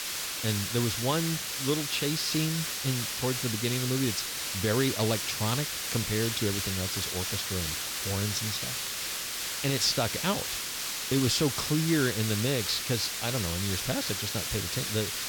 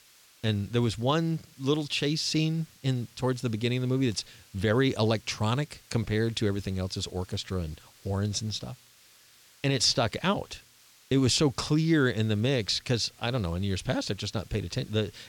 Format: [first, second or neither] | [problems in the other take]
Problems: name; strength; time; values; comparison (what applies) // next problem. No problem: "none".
second | hiss; loud; throughout; as loud as the speech; faint in the second